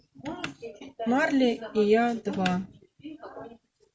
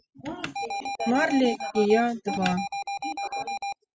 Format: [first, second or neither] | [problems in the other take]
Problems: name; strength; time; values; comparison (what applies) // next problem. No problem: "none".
first | noise reduction (classical method spectral subtraction)